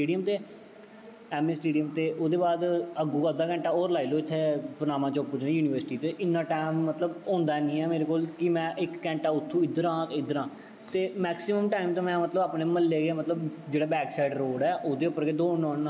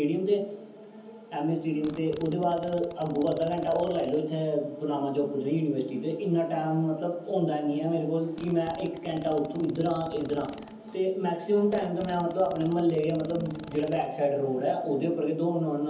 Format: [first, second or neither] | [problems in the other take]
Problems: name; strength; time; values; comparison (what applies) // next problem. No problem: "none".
first | background sound (Fart); 20 dB below the speech // room echo; dies away in 0.7 s